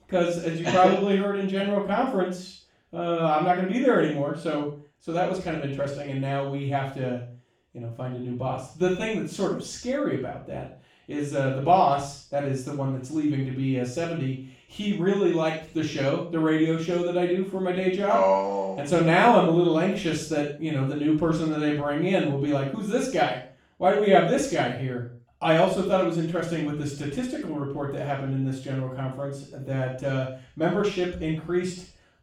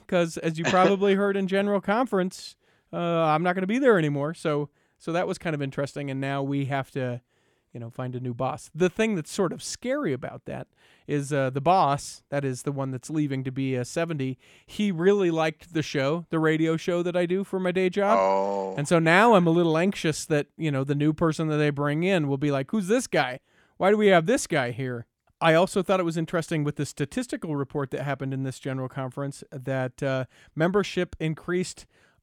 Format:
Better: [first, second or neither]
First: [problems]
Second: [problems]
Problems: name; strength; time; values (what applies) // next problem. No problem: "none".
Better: second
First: room echo; noticeable; dies away in 0.4 s // off-mic speech; far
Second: none